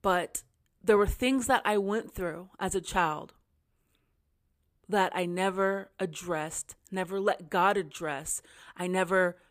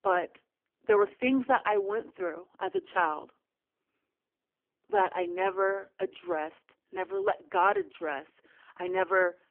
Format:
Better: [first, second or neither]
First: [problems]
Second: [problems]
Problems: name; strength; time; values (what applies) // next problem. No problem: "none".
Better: first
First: none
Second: phone-call audio; poor line; nothing above 3 kHz